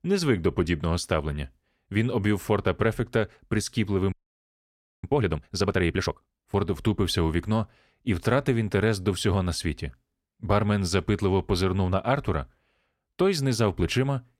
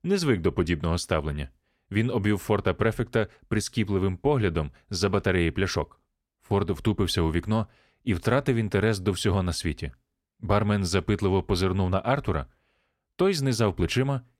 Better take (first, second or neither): second